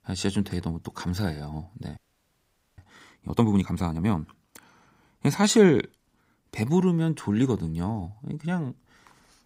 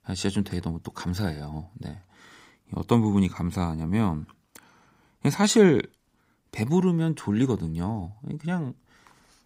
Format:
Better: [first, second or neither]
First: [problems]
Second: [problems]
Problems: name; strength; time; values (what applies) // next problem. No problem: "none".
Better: second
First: audio freezing; at 2 s for 1 s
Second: none